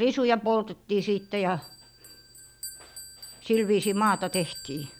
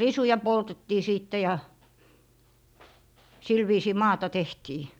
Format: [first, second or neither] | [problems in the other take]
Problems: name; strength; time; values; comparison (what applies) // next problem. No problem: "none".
second | background sound (Bell); 17 dB below the speech